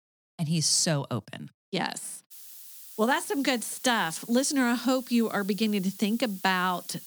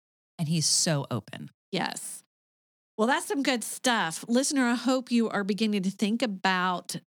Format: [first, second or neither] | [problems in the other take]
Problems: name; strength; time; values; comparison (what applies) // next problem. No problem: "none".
second | hiss; noticeable; from 2.5 s on; 15 dB below the speech